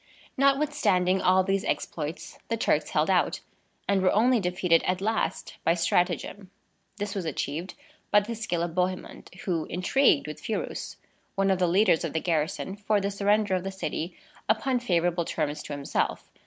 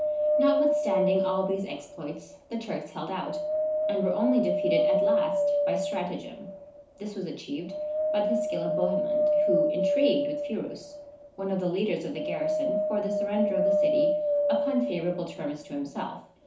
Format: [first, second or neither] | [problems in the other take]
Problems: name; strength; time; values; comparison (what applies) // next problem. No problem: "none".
first | background sound (Wind); 4 dB above the speech // room echo; dies away in 0.9 s